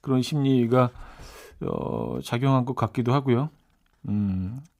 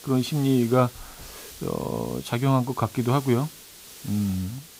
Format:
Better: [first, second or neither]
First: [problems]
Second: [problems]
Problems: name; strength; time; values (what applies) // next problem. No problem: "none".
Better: first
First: none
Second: hiss; noticeable; throughout; 15 dB below the speech